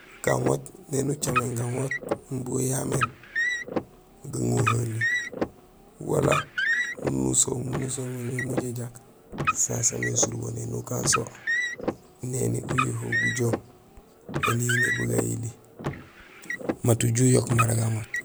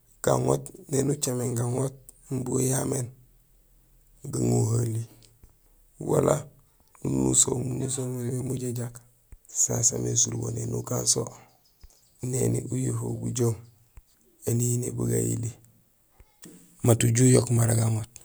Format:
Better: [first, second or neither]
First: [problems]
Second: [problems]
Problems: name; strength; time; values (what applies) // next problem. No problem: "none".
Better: second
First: background sound (Car); 3 dB below the speech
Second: none